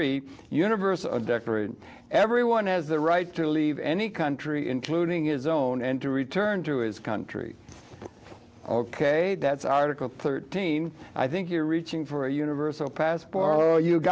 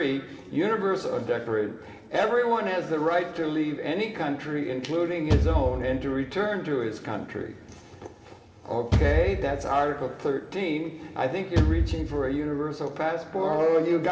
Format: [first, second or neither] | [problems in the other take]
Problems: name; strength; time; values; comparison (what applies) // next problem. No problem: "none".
first | background sound (Bass drum / Thump, thud); as loud as the speech // room echo; dies away in 2.5 s